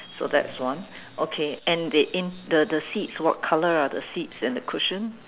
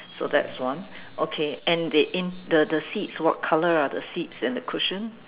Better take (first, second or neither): first